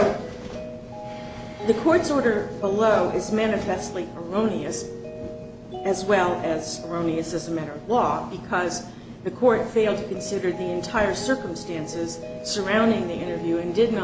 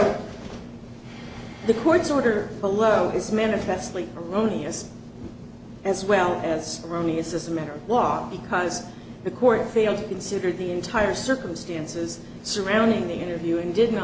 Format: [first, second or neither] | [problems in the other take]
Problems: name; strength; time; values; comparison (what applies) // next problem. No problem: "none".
second | background sound (Mallet percussion); 14 dB below the speech